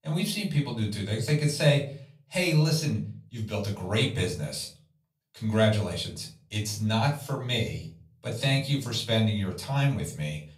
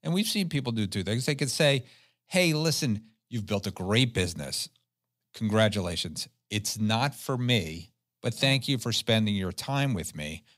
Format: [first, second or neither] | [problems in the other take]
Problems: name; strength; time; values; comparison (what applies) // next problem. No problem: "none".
second | off-mic speech; far // room echo; slight; dies away in 0.4 s